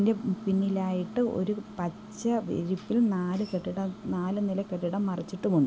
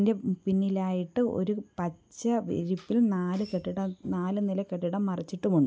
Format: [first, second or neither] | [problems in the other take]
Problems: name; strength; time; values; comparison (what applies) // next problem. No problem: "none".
second | background sound (Microwave oven); 15 dB below the speech